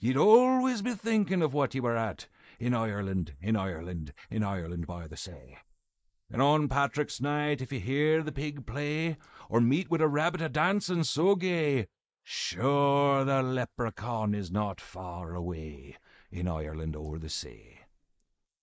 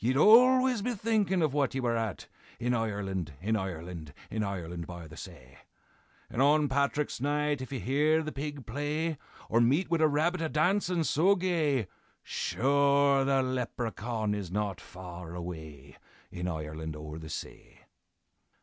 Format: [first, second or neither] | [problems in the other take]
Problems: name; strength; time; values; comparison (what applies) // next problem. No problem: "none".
second | noise reduction (neural mask model Resemble Enhance denoiser)